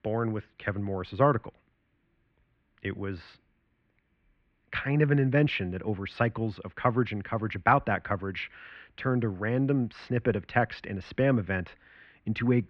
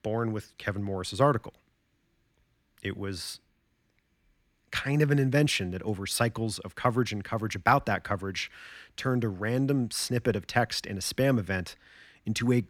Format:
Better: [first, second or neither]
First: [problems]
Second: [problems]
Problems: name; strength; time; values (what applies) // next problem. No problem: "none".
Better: second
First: muffled; very; fading above 3 kHz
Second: none